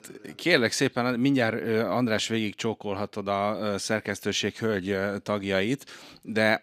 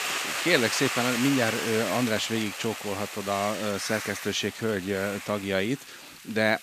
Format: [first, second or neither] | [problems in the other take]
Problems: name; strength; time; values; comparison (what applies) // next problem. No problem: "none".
first | hiss; loud; throughout; 4 dB below the speech